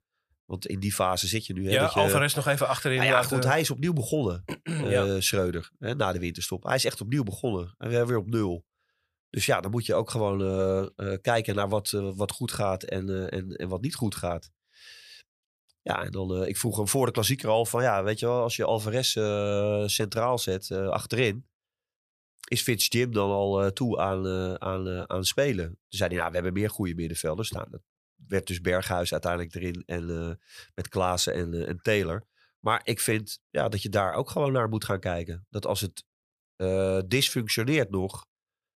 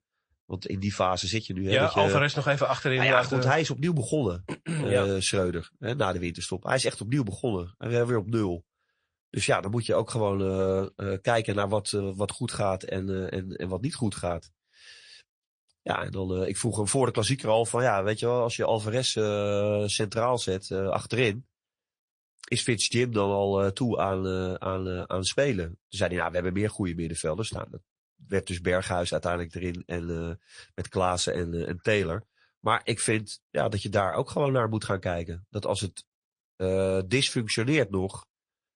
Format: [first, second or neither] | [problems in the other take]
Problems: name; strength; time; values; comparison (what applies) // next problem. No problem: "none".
first | garbled, watery; slightly; nothing above 8.5 kHz